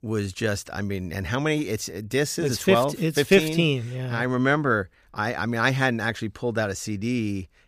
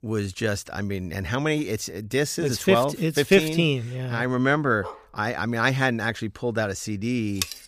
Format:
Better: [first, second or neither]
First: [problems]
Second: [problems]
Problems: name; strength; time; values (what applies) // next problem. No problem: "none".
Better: first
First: none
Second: dog barking; faint; at 5 s; peak 15 dB below the speech // clattering dishes; very faint; at 7.5 s; peak 6 dB below the speech